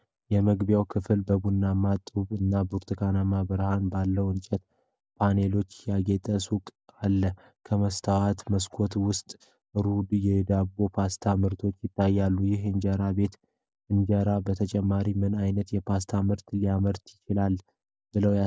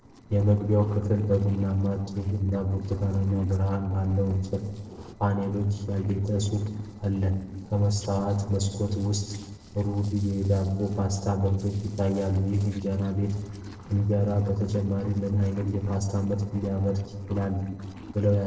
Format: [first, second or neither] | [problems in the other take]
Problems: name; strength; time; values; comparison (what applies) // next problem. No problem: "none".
first | noise reduction (neural separator model SepFormer DNS4)